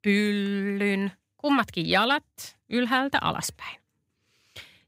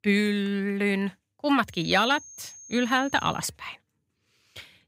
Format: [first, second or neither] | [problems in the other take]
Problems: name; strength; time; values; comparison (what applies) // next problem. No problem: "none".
first | high-pitched whine; noticeable; from 2 to 3.5 s; 6.5 kHz, 20 dB below the speech